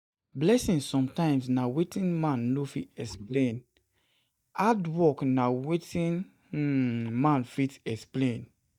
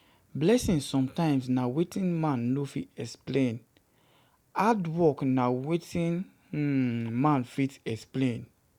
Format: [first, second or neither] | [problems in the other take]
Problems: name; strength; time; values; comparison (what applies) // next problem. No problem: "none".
second | noise reduction (neural mask model DeepFilterNet 3)